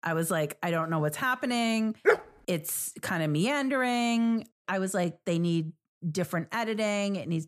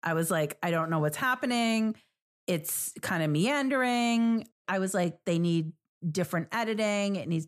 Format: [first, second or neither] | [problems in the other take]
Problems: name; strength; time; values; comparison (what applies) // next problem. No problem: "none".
second | dog barking; loud; at 2 s; peak 3 dB above the speech